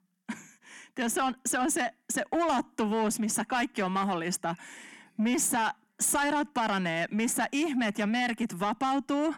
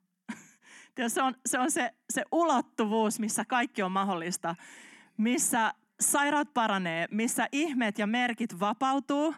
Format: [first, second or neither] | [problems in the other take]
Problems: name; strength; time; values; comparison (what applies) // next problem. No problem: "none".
second | distortion; slight; 10 dB below the speech